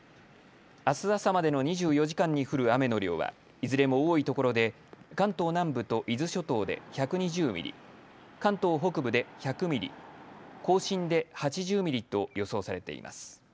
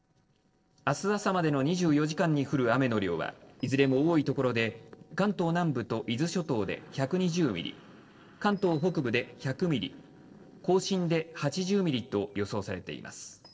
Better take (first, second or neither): first